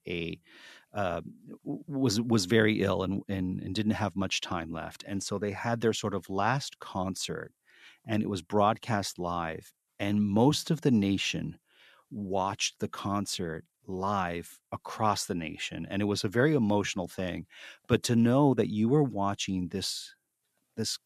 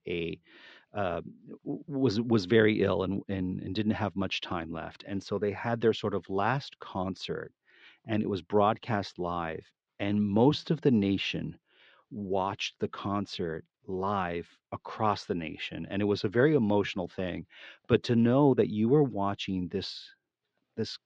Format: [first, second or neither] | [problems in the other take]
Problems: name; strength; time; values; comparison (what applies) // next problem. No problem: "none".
first | muffled; very slightly; fading above 4.5 kHz